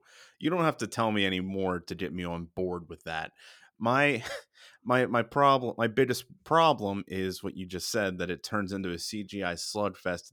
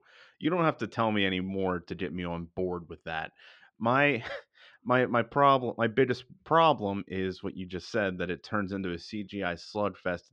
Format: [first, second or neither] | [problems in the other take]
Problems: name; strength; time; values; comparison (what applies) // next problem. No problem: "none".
first | muffled; slightly; fading above 3.5 kHz